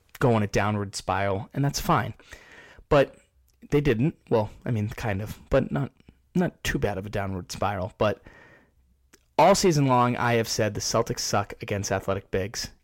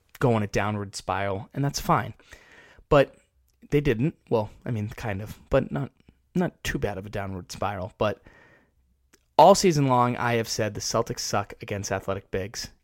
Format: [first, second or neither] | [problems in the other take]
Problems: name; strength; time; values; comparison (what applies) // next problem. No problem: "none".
second | distortion; slight; 10 dB below the speech